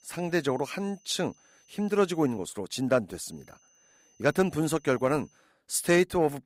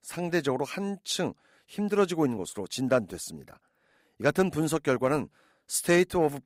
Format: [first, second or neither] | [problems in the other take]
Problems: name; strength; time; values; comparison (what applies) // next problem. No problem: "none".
second | high-pitched whine; faint; until 2.5 s and from 3.5 to 5.5 s; 6 kHz, 35 dB below the speech